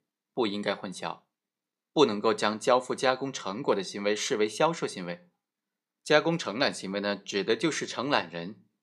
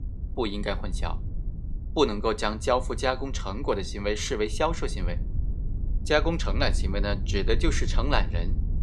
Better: first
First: none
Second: low rumble; faint; throughout; 20 dB below the speech

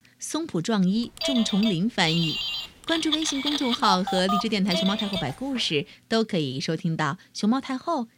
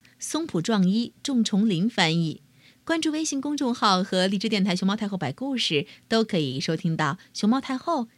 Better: second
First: phone ringing; noticeable; from 1 to 5.5 s; peak 1 dB below the speech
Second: none

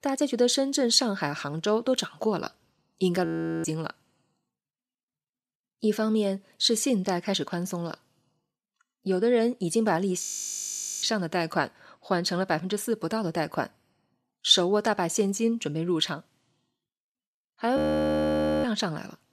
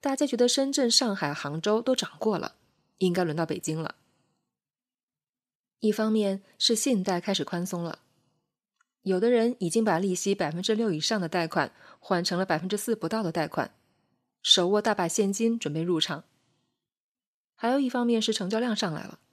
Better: second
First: audio freezing; at 3.5 s, at 10 s for 1 s and at 18 s for 1 s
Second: none

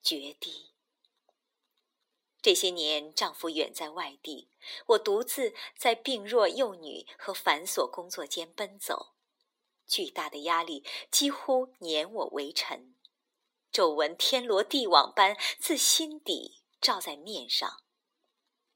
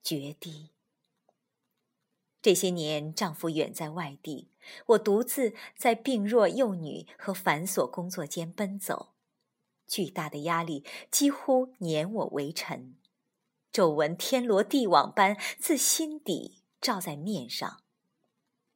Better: second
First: thin; somewhat; fading below 300 Hz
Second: none

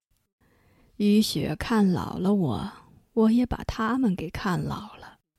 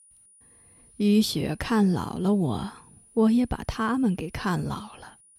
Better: first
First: none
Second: high-pitched whine; faint; throughout; 9.5 kHz, 30 dB below the speech

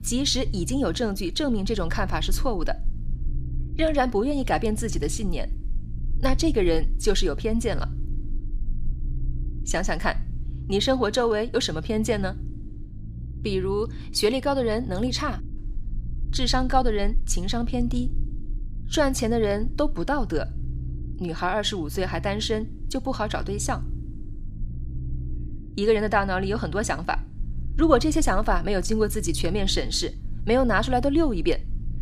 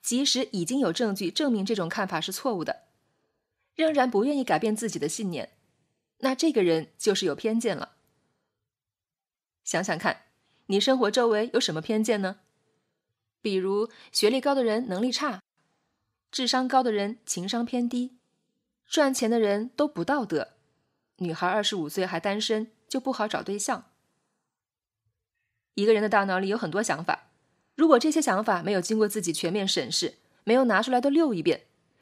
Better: second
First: low rumble; faint; throughout; 20 dB below the speech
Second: none

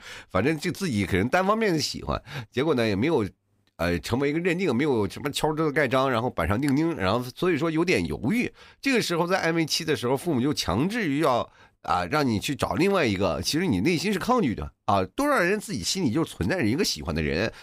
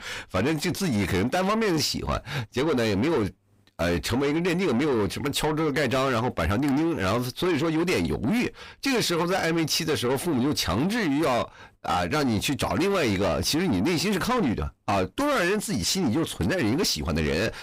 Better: first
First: none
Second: distortion; heavy; 7 dB below the speech

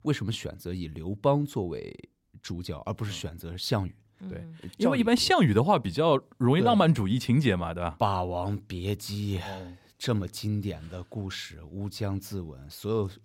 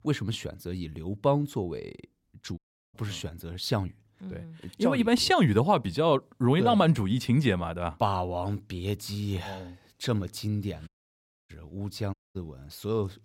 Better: first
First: none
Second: audio cutting out; at 2.5 s, at 11 s for 0.5 s and at 12 s

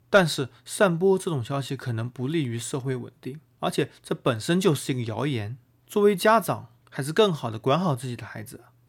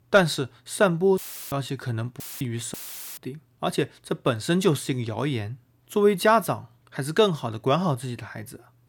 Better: first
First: none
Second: audio cutting out; filled with static; at 1 s, at 2 s and at 2.5 s

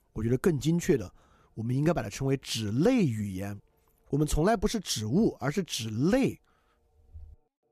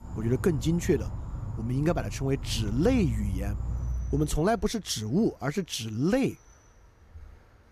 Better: first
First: none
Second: animal sounds; loud; throughout; 7 dB below the speech

